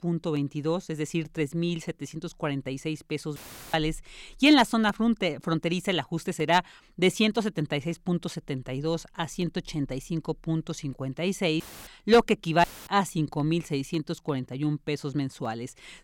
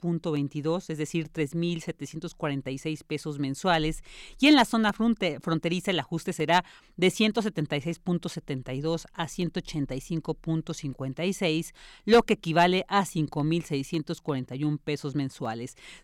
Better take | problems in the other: second | audio cutting out; filled with static; at 3.5 s, at 12 s and at 13 s

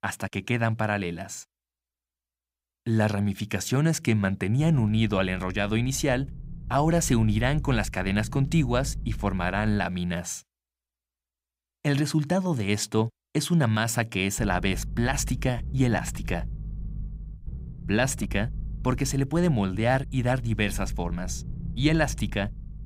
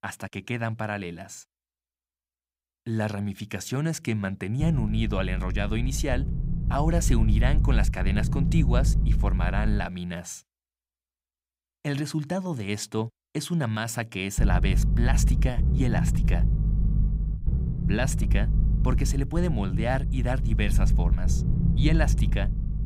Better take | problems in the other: first | low rumble; loud; from 4.5 to 10 s and from 14 s on; 8 dB below the speech; faint in the first

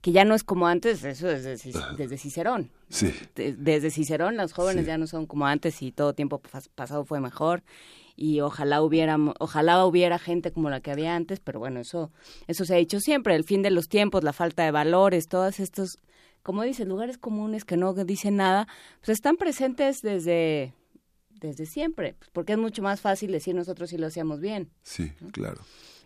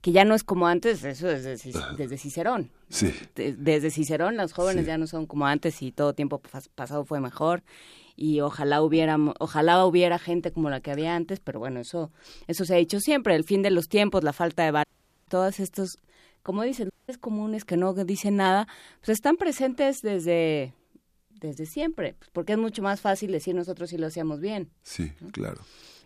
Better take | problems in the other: first | audio cutting out; at 15 s and at 17 s

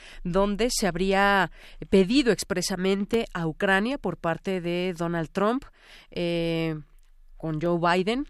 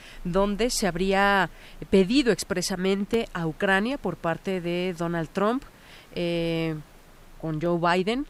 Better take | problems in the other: first | hiss; faint; throughout; 30 dB below the speech

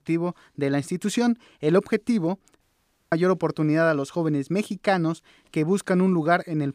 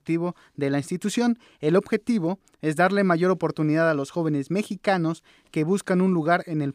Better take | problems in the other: second | audio cutting out; at 2.5 s for 0.5 s

